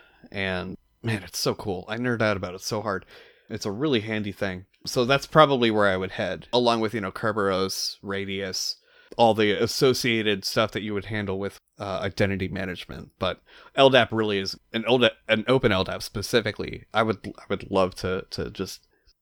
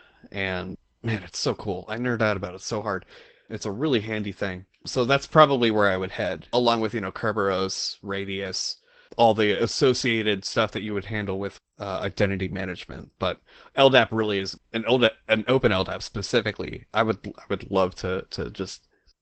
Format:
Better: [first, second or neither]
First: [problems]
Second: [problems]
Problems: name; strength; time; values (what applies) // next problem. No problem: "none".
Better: first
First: none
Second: garbled, watery; badly; nothing above 8 kHz